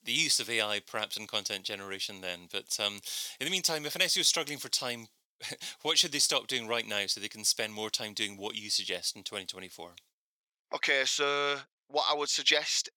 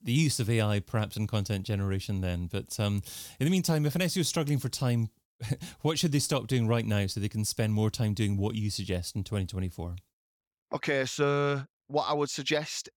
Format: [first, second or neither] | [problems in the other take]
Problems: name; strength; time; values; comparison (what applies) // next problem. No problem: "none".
second | thin; very; fading below 500 Hz